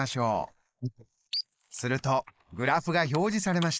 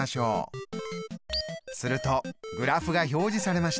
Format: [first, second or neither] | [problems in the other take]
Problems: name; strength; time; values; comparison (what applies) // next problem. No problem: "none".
second | noise reduction (neural mask model Resemble Enhance denoiser)